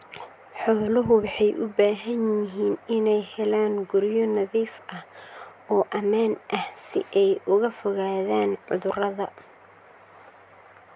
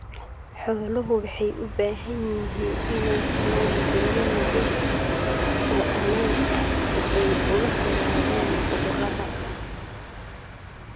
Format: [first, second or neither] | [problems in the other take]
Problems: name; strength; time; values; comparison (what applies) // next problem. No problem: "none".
first | background sound (Train); 3 dB above the speech